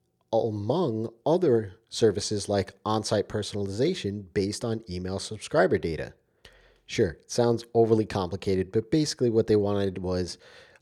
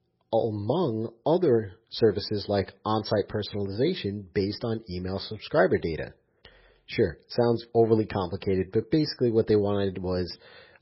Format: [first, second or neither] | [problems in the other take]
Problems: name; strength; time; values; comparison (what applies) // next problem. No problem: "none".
first | garbled, watery; badly; nothing above 5.5 kHz